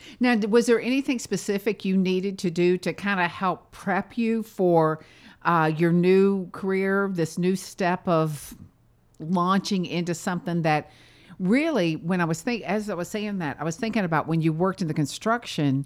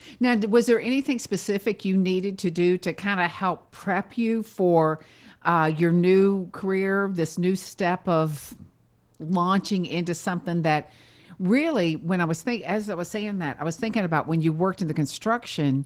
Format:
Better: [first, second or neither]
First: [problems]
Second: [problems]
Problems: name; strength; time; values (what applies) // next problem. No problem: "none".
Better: first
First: none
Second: garbled, watery; slightly